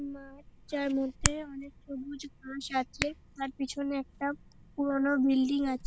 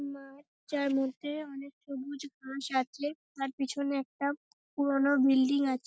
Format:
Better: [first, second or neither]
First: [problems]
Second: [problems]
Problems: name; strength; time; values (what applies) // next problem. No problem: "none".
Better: second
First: background sound (Hands); 8 dB below the speech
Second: none